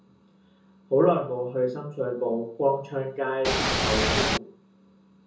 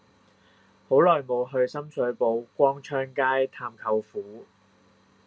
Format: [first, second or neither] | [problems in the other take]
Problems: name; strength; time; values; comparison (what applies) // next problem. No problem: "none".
second | background sound (Ocean / Boat, Water vehicle); 4 dB above the speech // room echo; dies away in 0.5 s